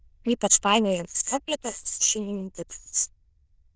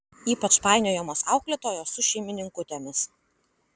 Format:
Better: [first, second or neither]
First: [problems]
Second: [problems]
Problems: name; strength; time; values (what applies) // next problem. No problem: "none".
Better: second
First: noise reduction (neural diffusion model UNIVERSE++)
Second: none